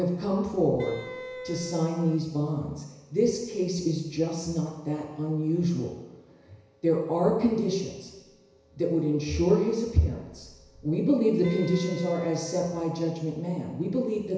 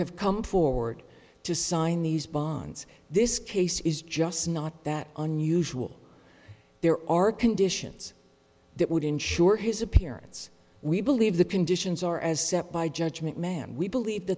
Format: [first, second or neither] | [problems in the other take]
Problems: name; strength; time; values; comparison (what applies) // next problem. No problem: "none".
second | background sound (Wind instrument, woodwind instrument); 12 dB below the speech // room echo; dies away in 1 s